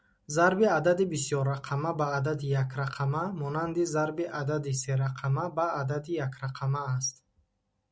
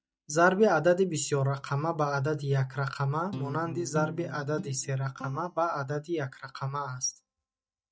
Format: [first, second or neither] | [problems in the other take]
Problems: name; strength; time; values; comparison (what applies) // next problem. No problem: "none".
first | noise reduction (neural mask model DeepFilterNet 3)